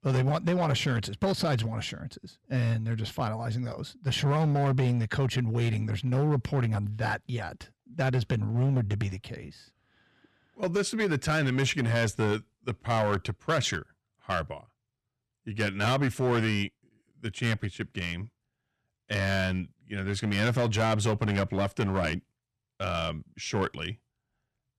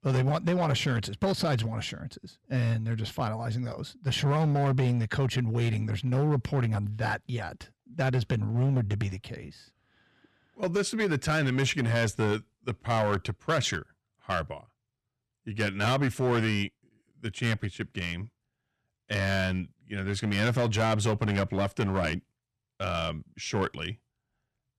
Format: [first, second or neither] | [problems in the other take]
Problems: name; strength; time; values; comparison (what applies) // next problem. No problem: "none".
neither | distortion; slight; 7% of the sound clipped; the same in both